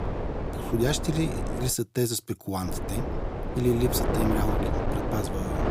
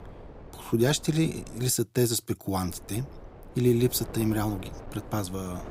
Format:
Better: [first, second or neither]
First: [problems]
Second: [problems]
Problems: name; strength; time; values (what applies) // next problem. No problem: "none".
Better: second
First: wind noise on the microphone; heavy; until 1.5 s and from 2.5 s on; 1 dB below the speech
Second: wind noise on the microphone; occasional gusts; until 1.5 s and from 2.5 s on; 15 dB below the speech